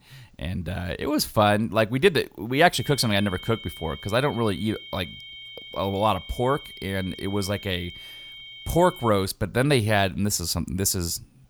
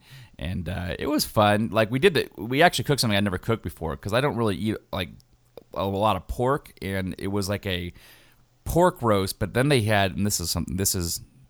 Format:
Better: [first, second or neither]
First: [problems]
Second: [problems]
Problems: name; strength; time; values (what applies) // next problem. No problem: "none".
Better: second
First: high-pitched whine; noticeable; from 3 to 9 s; 3 kHz, 15 dB below the speech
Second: none